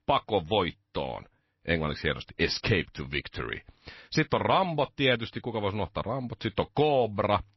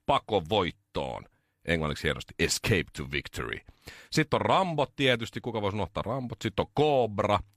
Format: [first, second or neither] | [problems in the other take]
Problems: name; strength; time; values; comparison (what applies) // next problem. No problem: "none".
second | garbled, watery; slightly; nothing above 5.5 kHz